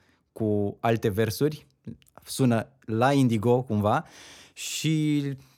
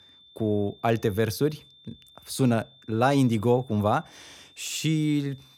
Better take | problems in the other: first | high-pitched whine; faint; throughout; 3.5 kHz, 25 dB below the speech

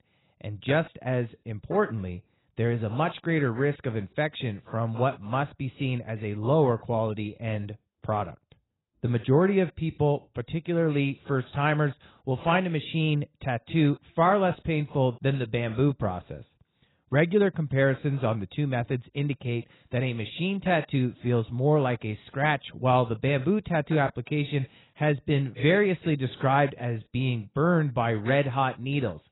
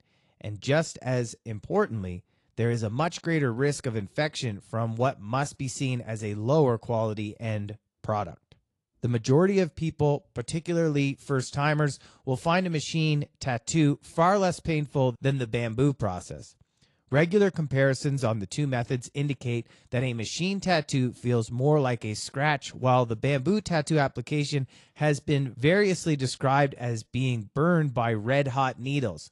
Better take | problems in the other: second | garbled, watery; badly; nothing above 4 kHz; slightly in the second

